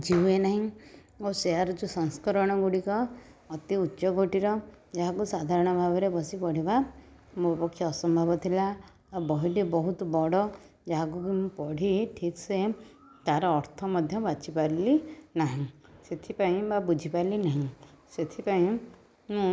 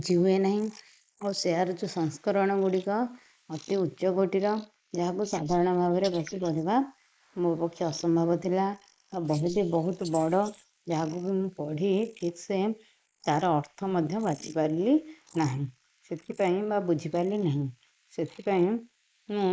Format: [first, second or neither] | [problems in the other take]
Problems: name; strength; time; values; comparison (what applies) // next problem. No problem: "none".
first | noise reduction (neural mask model Resemble Enhance denoiser)